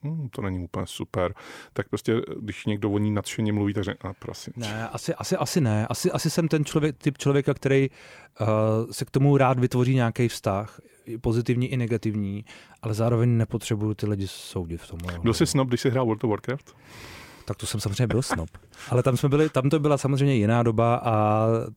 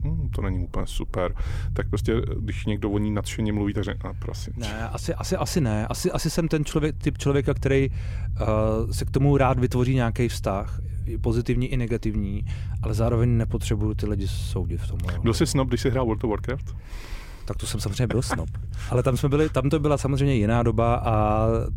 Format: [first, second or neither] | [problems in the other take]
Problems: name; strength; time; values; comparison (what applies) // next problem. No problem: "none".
first | low rumble; faint; throughout; 20 dB below the speech